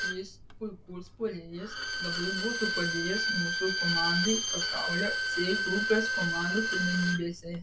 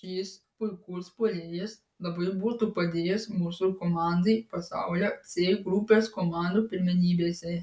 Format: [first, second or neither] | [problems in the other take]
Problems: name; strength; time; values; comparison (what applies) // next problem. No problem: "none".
second | background sound (Bowed string instrument); 1 dB above the speech